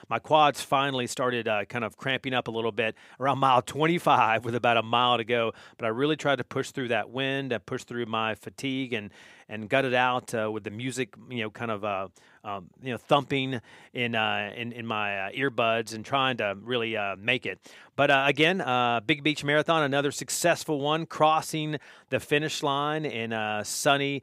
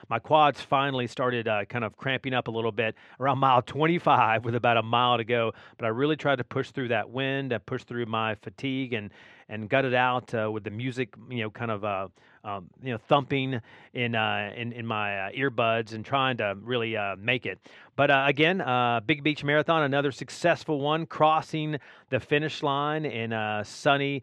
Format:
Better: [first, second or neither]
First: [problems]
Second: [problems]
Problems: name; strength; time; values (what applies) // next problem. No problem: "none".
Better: first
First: none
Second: muffled; slightly; fading above 3.5 kHz